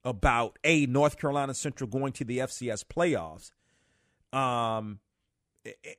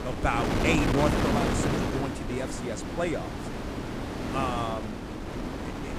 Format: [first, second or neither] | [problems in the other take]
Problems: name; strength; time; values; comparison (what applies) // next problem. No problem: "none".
first | wind noise on the microphone; heavy; 1 dB below the speech